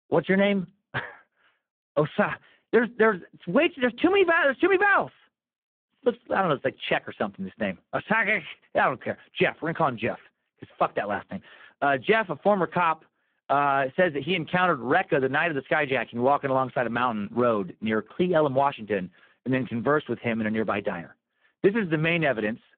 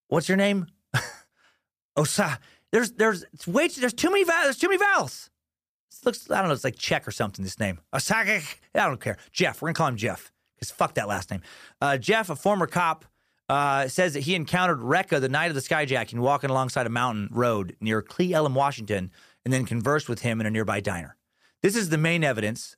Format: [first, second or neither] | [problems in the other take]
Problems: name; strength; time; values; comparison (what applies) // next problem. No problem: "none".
second | phone-call audio; poor line